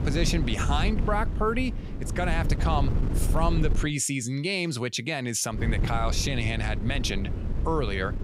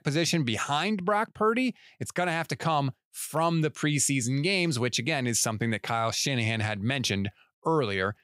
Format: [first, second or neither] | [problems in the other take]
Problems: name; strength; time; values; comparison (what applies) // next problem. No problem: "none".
second | wind noise on the microphone; occasional gusts; until 4 s and from 5.5 s on; 10 dB below the speech